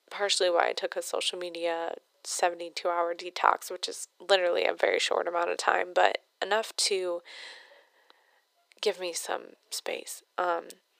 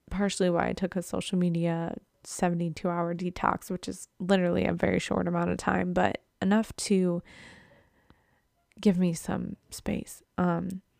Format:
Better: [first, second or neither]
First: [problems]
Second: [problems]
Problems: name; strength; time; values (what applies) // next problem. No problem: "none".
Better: second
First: thin; very; fading below 400 Hz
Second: none